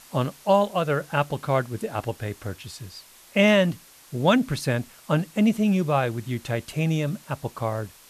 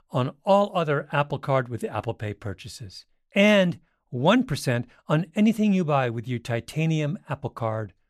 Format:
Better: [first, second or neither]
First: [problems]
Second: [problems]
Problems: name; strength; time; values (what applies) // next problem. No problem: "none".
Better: second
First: hiss; faint; throughout; 25 dB below the speech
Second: none